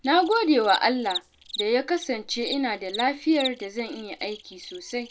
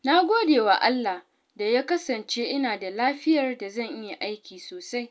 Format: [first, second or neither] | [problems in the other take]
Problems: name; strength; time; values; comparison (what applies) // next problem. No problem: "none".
second | background sound (Cricket); 13 dB below the speech